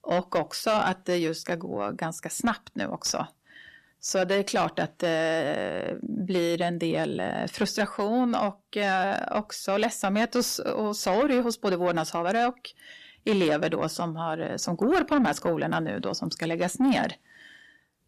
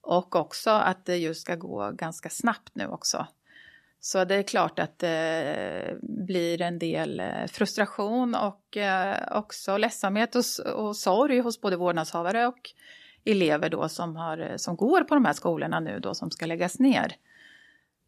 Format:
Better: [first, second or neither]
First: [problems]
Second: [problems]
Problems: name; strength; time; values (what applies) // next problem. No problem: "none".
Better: second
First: distortion; slight; 10 dB below the speech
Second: none